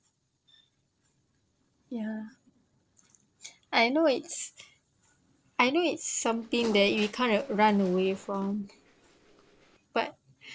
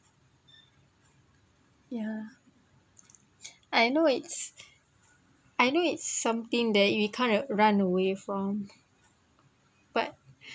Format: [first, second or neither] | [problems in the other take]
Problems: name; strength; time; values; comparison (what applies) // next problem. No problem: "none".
second | noise reduction (neural separator model SepFormer DNS4)